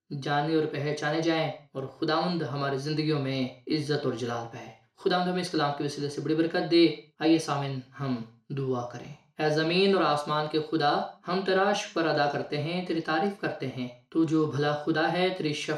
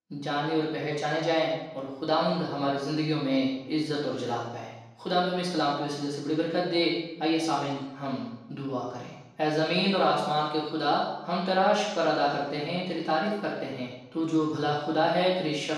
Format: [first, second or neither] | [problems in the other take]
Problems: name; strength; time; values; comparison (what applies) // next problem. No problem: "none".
first | room echo; strong; dies away in 0.9 s; slight in the first // off-mic speech; far